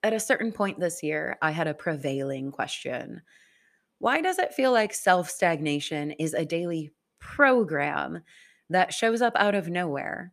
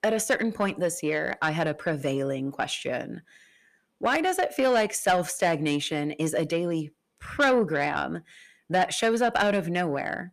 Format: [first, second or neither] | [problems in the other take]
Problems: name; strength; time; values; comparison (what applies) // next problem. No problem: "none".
first | distortion; slight; 10 dB below the speech